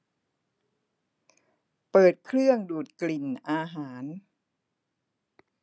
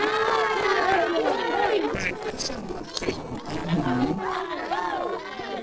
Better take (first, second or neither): first